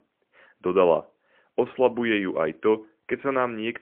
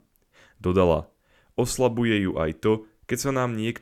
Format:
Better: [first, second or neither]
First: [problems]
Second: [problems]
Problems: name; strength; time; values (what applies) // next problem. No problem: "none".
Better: second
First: phone-call audio; poor line; nothing above 3 kHz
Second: none